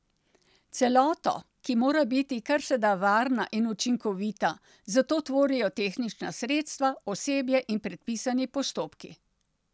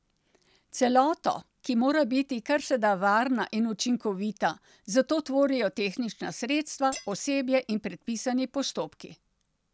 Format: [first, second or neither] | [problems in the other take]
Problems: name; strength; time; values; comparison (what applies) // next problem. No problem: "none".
first | background sound (Shatter); 15 dB below the speech